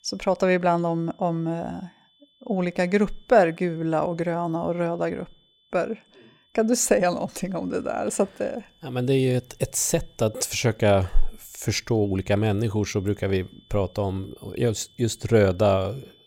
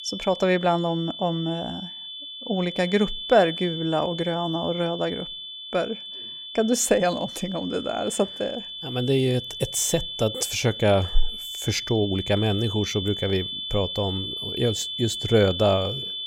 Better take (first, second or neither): first